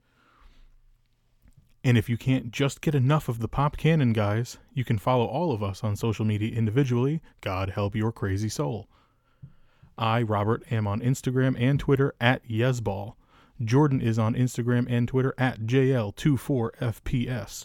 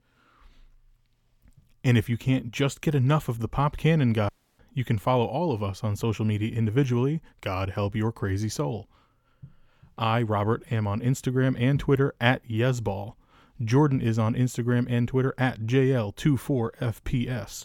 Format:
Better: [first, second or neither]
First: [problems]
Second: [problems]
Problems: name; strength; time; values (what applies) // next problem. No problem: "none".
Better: first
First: none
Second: audio cutting out; at 4.5 s